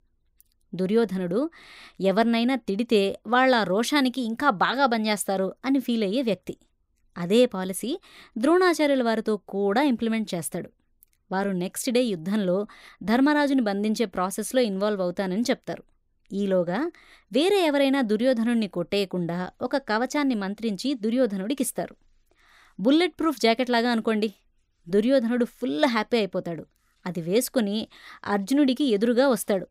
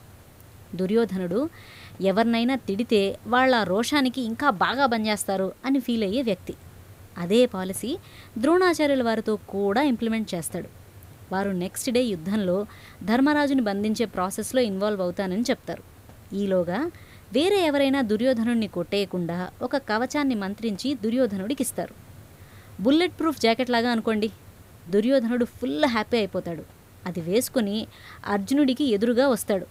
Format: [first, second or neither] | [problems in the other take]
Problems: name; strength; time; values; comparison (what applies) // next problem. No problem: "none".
first | hiss; faint; throughout; 25 dB below the speech